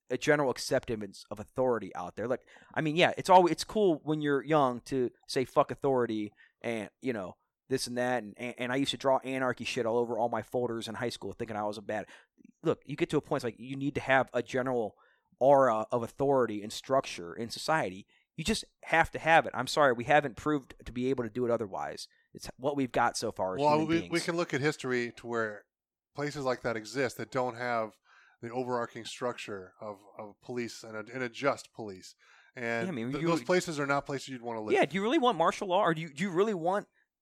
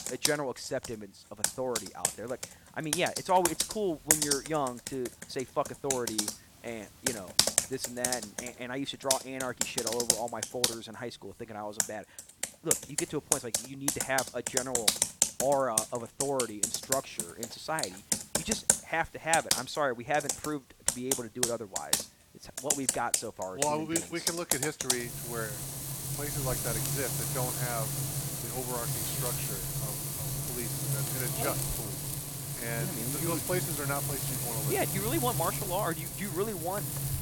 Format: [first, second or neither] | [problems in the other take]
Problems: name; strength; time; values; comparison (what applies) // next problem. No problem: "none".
first | household noises; very loud; throughout; 4 dB above the speech